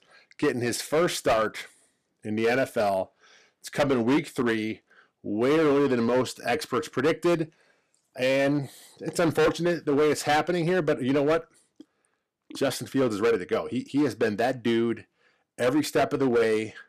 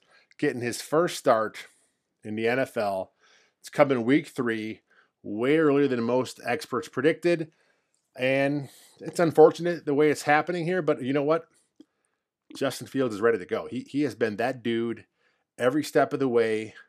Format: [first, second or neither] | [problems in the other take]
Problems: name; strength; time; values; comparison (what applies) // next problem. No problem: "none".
second | distortion; heavy; 9% of the sound clipped